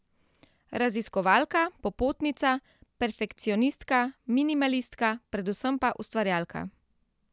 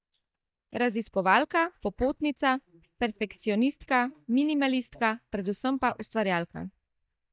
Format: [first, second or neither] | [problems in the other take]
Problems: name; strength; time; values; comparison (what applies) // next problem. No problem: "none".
first | noise reduction (neural mask model DeepFilterNet 3)